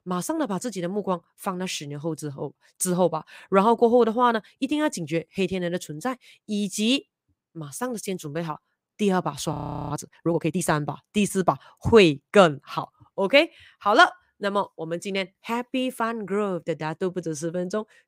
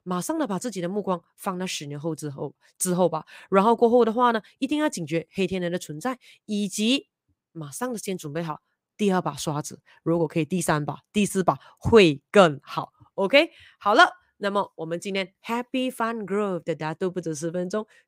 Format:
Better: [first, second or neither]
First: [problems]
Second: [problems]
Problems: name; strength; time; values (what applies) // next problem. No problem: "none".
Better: second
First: audio freezing; at 9.5 s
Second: none